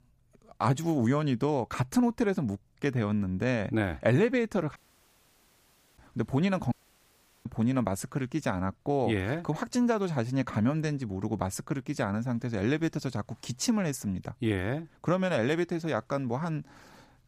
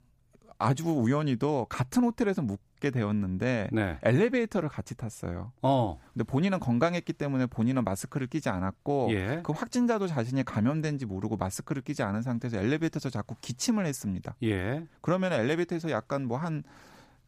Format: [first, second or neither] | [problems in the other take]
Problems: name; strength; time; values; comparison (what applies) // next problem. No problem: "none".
second | audio cutting out; at 5 s for 1 s and at 6.5 s for 0.5 s